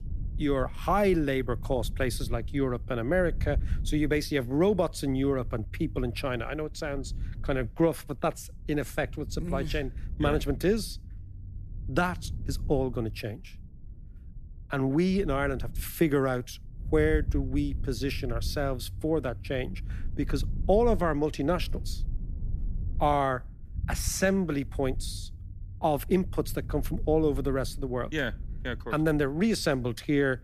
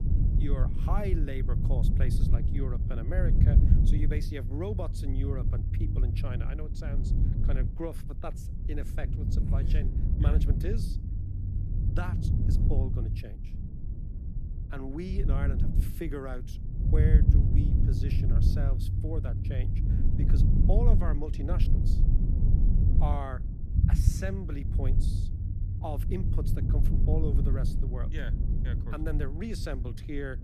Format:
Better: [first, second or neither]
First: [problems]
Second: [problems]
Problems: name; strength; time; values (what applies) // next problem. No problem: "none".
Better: first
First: low rumble; faint; throughout; 25 dB below the speech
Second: low rumble; loud; throughout; 2 dB below the speech